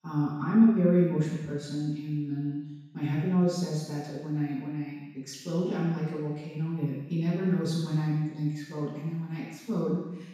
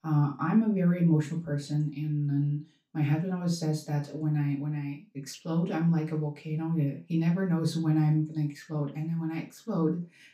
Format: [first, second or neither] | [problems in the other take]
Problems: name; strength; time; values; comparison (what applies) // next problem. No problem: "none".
second | room echo; strong; dies away in 1.1 s; slight in the second // off-mic speech; far; far in the second